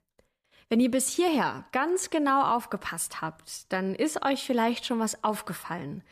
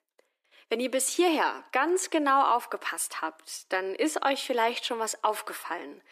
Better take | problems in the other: first | thin; somewhat; fading below 300 Hz

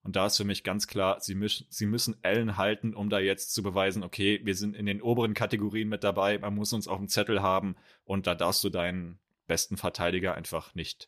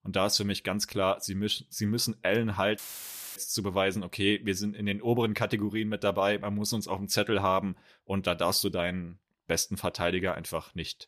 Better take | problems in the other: first | audio cutting out; filled with static; at 3 s for 0.5 s

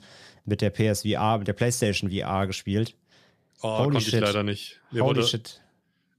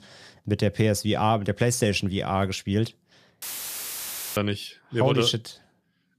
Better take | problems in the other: first | audio cutting out; filled with static; at 3.5 s for 1 s

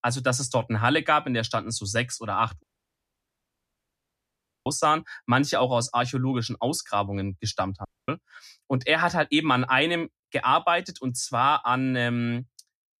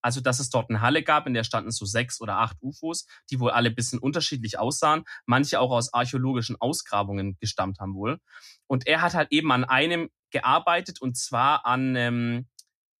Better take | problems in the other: second | audio cutting out; at 2.5 s for 2 s and at 8 s

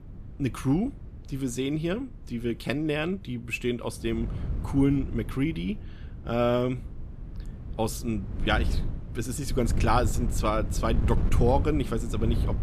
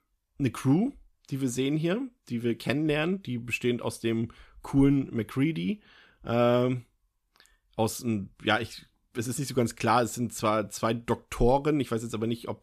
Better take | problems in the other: second | wind noise on the microphone; occasional gusts; 15 dB below the speech

